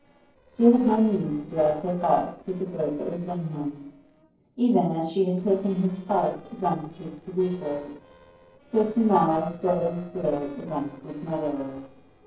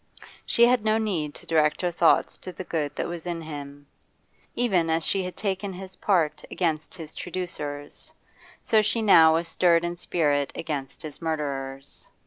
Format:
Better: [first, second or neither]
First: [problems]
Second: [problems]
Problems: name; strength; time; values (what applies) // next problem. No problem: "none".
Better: second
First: noise reduction (neural separator model SepFormer DNS4)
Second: none